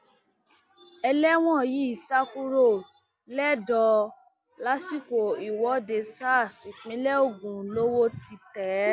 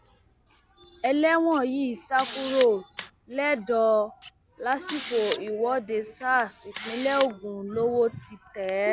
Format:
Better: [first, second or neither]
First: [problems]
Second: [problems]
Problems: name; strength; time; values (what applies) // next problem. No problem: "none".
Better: first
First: none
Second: background sound (Camera); 16 dB below the speech